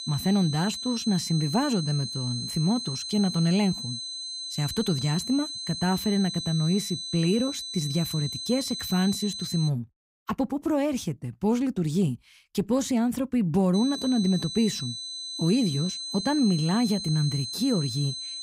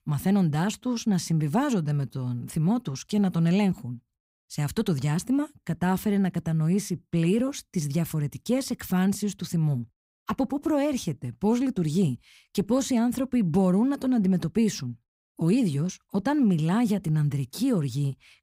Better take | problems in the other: second | high-pitched whine; loud; until 9.5 s and from 14 s on; 4 kHz, 6 dB below the speech

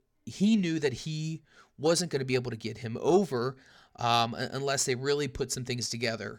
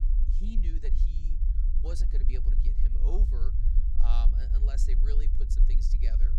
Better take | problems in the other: first | low rumble; loud; throughout; 4 dB below the speech

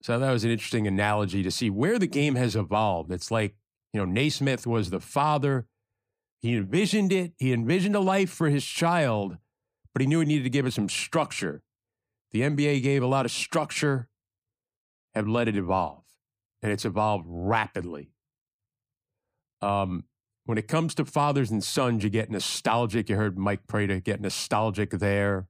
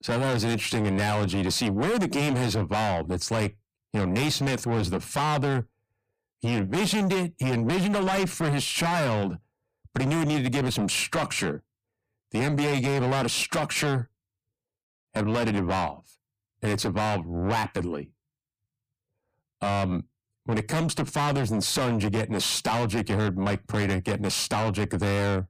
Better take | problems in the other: first | distortion; heavy; 6 dB below the speech

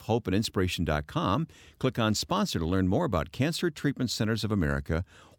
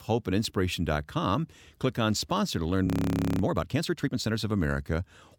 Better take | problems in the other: first | audio freezing; at 3 s for 0.5 s

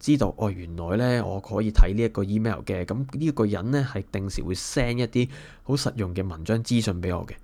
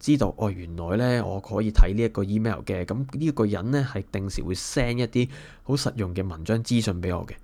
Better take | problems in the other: neither | none

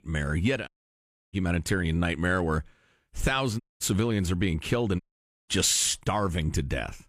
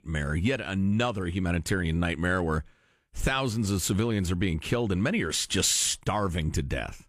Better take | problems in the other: second | audio cutting out; at 0.5 s for 0.5 s, at 3.5 s and at 5 s

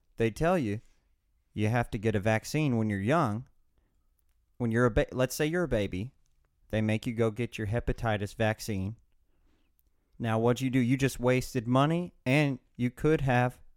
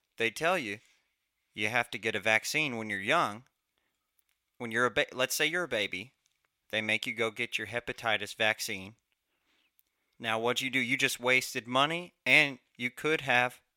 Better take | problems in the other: first | thin; somewhat; fading below 1 kHz

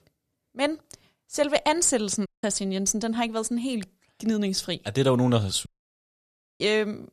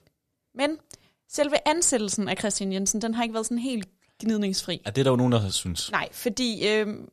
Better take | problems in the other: second | audio cutting out; at 2.5 s and at 5.5 s for 1 s

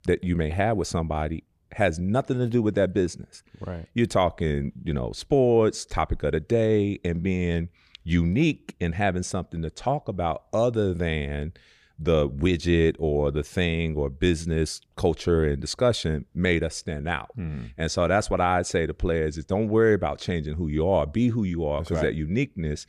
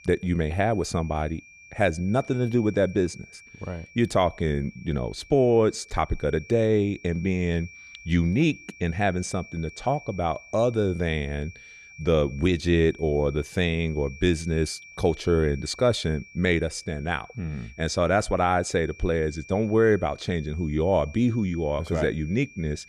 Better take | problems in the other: first | high-pitched whine; faint; throughout; 2.5 kHz, 20 dB below the speech

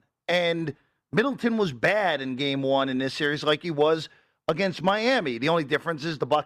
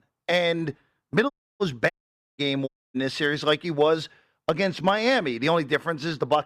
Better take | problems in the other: first | audio cutting out; at 1.5 s, at 2 s and at 2.5 s

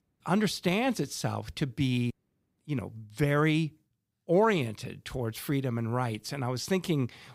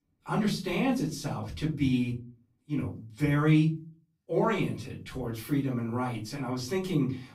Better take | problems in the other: first | off-mic speech; far // room echo; slight; dies away in 0.3 s

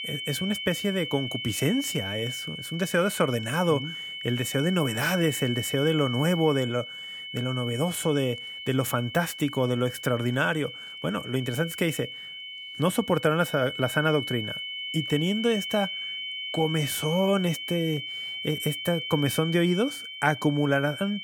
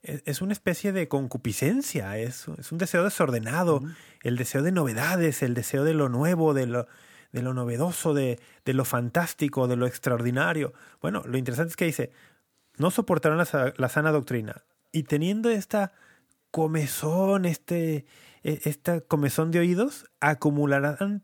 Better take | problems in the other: second | high-pitched whine; loud; throughout; 3 kHz, 7 dB below the speech

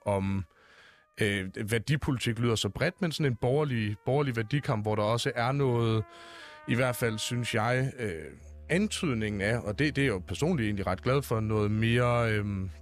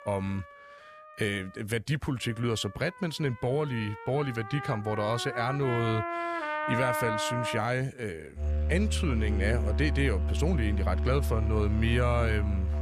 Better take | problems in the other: first | background music; loud; throughout; 1 dB below the speech; faint in the first

